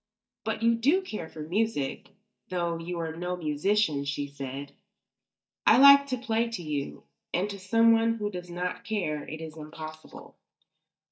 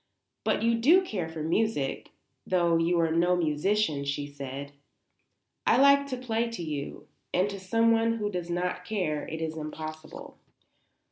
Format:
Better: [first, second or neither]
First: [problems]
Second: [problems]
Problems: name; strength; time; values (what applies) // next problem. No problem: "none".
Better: second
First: noise reduction (neural mask model DeepFilterNet 3)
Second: none